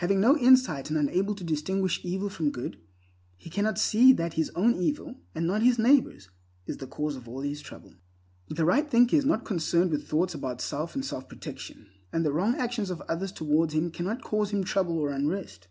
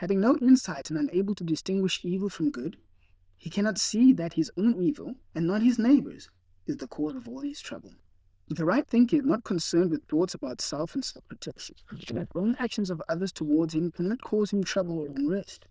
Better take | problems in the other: first | noise reduction (neural diffusion model UNIVERSE++)

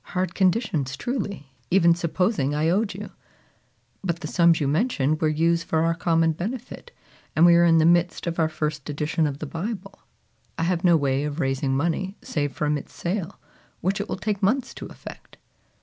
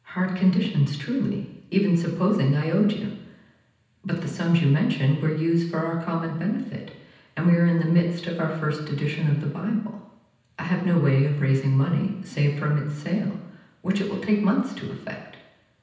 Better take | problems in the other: first | room echo; dies away in 0.9 s

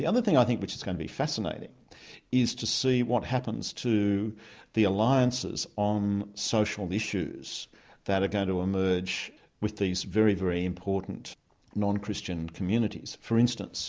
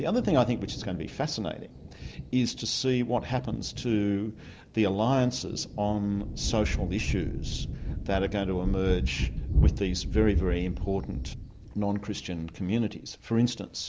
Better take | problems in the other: first | background sound (Thunder); 4 dB below the speech

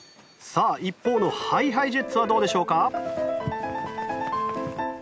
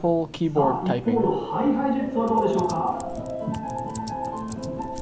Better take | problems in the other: first | background sound (Typing); 4 dB below the speech // room echo; dies away in 0.9 s

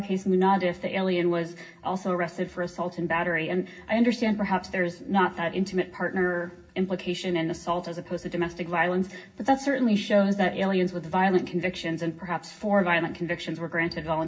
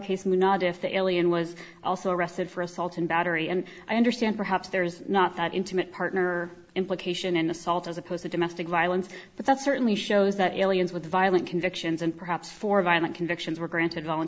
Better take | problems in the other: second | room echo; dies away in 0.4 s

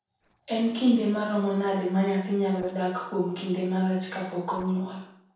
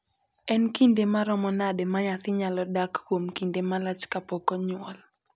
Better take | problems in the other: second | noise reduction (neural separator model SepFormer DNS4)

